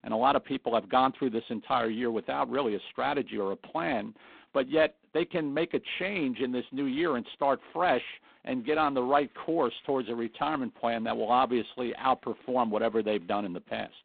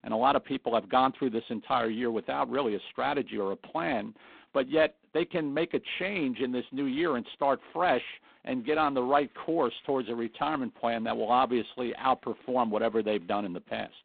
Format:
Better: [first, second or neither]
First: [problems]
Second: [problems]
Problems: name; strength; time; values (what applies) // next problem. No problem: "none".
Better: neither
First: phone-call audio; poor line; nothing above 4 kHz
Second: phone-call audio; poor line; nothing above 4 kHz